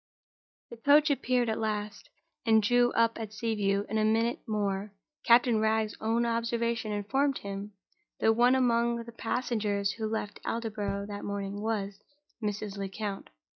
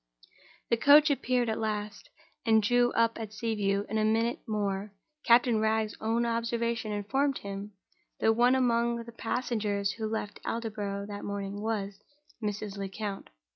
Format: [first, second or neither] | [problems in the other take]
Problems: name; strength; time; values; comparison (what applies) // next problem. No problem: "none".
second | noise reduction (neural mask model DeepFilterNet 3)